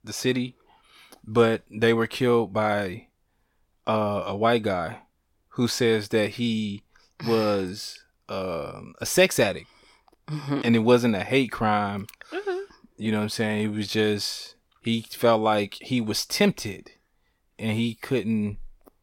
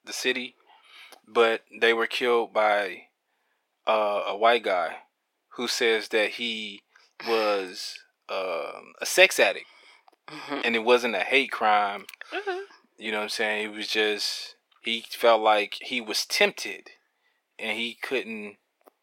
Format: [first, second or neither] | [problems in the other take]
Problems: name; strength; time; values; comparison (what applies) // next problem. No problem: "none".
first | thin; very; fading below 350 Hz